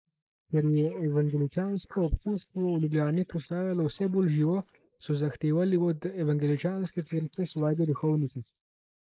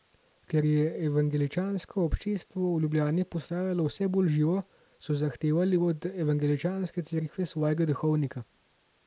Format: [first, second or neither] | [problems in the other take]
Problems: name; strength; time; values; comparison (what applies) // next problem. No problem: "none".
second | noise reduction (neural mask model Resemble Enhance denoiser)